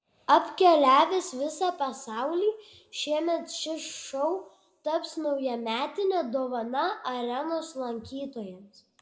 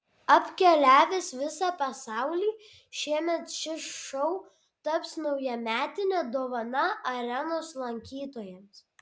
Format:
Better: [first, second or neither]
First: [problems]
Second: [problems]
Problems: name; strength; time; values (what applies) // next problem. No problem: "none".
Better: second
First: room echo; dies away in 0.6 s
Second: none